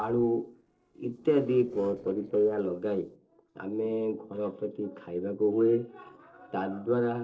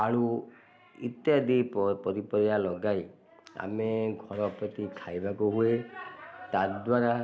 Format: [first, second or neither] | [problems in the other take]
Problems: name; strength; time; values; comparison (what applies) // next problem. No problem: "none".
second | noise reduction (neural separator model SepFormer DNS4)